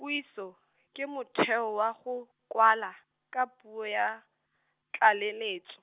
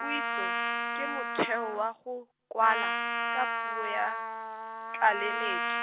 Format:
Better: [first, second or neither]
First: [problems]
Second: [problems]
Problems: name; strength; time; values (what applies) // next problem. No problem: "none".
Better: first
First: none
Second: background sound (Trumpet); as loud as the speech